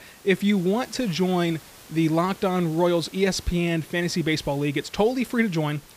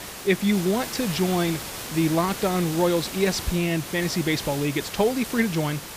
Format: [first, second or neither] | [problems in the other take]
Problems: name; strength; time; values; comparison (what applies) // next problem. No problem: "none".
first | hiss; loud; throughout; 9 dB below the speech; faint in the first